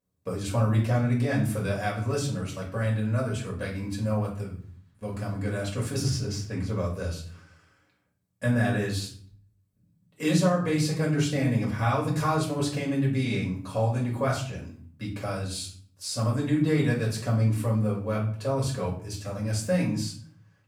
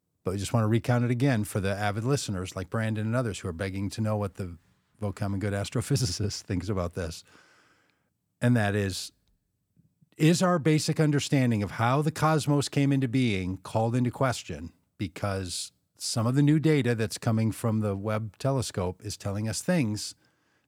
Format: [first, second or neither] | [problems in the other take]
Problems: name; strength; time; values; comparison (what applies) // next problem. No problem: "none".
second | room echo; slight; dies away in 0.5 s // off-mic speech; far